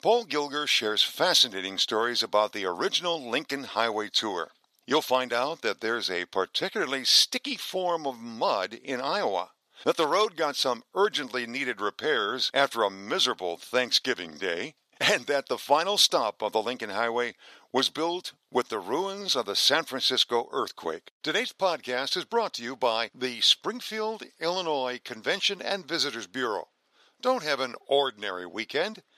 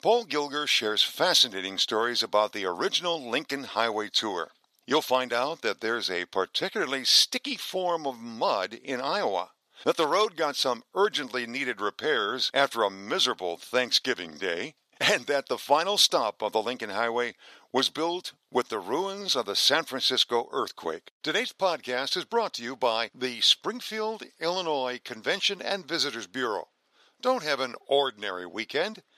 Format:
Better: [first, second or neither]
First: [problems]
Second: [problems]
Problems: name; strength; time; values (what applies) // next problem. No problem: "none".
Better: neither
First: thin; very; fading below 600 Hz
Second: thin; very; fading below 600 Hz